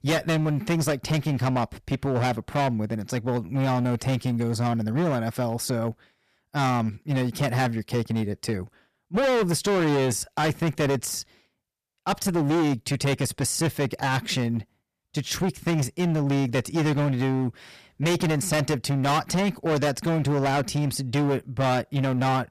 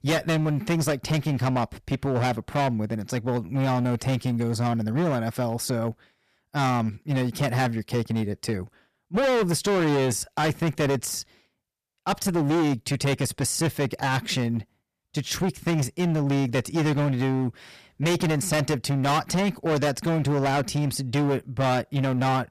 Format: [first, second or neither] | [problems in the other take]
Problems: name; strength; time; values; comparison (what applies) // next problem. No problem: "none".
neither | distortion; heavy; 20% of the sound clipped; the same in both